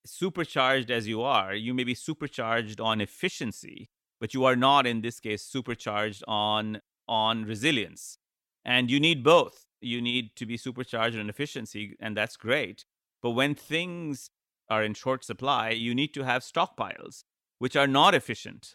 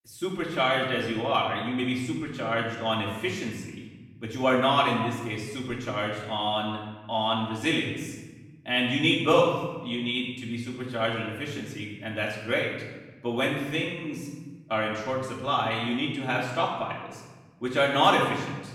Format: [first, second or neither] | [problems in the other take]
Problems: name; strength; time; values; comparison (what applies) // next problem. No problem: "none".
first | off-mic speech; far // room echo; noticeable; dies away in 1.2 s